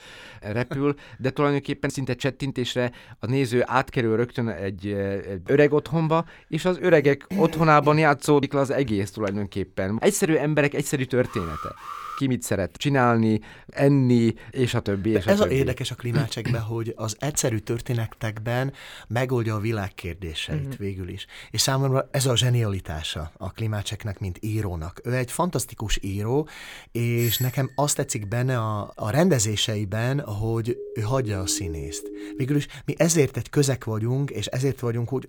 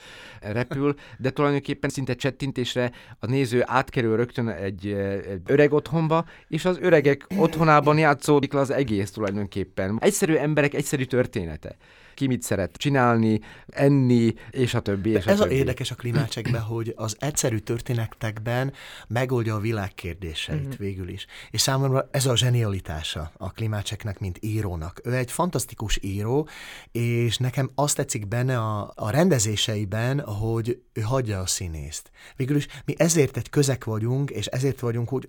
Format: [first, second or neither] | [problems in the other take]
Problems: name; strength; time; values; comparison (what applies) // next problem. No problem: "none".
second | alarm; noticeable; at 11 s; peak 10 dB below the speech // doorbell; noticeable; at 27 s; peak 5 dB below the speech // siren; faint; from 31 to 32 s; peak 10 dB below the speech